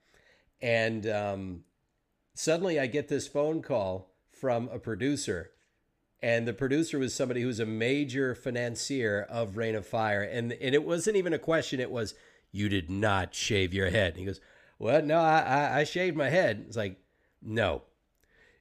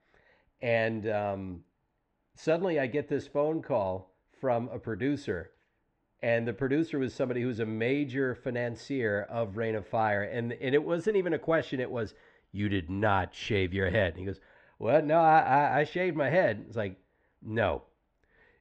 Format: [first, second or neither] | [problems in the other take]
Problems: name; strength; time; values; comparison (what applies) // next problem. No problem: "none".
first | muffled; very; fading above 2.5 kHz